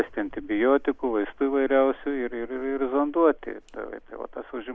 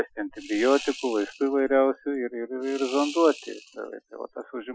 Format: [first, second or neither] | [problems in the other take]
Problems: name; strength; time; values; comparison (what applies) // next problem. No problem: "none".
first | noise reduction (classical method Wiener filter)